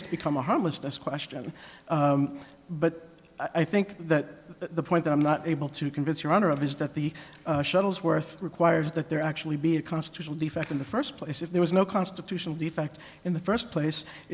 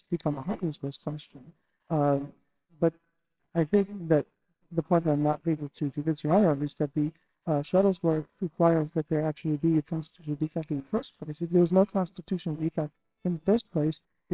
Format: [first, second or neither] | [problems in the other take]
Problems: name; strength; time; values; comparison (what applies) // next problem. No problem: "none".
first | noise reduction (neural separator model SepFormer WHAMR!)